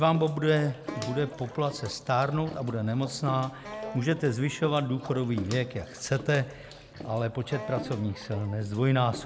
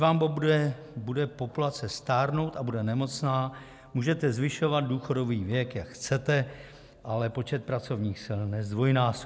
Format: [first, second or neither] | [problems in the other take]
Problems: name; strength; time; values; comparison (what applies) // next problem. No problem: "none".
second | background sound (Bathtub (filling or washing) / Water / Splash, splatter + Wind instrument, woodwind instrument); 14 dB below the speech